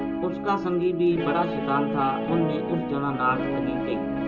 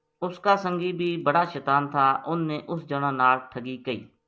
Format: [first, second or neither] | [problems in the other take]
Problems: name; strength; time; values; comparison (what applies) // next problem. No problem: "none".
second | background sound (Guitar); 2 dB below the speech // room echo; dies away in 0.2 s